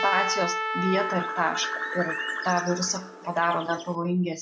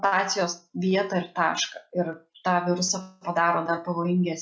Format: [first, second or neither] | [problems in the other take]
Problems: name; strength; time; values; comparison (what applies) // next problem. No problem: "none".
second | background sound (Trumpet + Bird); 4 dB below the speech